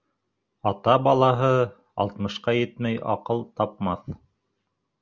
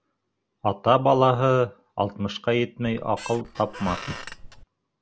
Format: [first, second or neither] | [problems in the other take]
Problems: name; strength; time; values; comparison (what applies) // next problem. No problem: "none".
first | background sound (Squeak); 14 dB below the speech